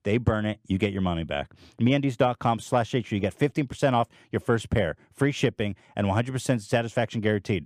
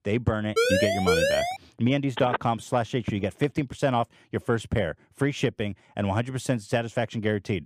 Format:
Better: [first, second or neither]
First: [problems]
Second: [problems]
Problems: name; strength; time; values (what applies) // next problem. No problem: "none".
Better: first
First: none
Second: siren; loud; from 0.5 to 1.5 s; peak 5 dB above the speech // phone ringing; noticeable; from 2 to 3.5 s; peak 4 dB below the speech